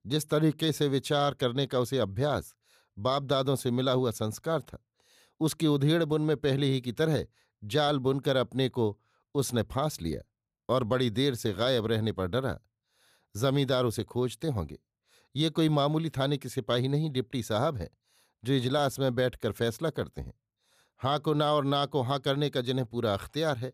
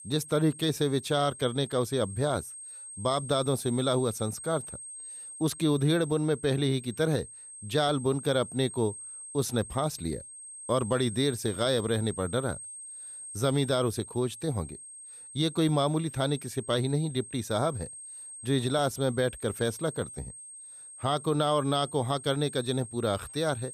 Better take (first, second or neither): first